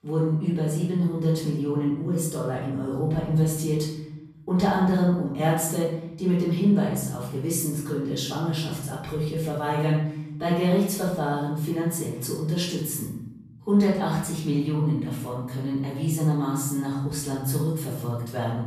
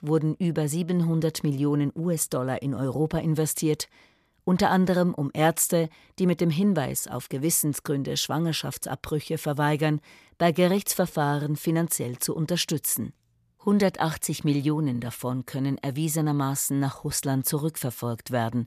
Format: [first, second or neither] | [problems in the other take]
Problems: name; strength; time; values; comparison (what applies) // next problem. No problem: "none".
second | off-mic speech; far // room echo; noticeable; dies away in 0.9 s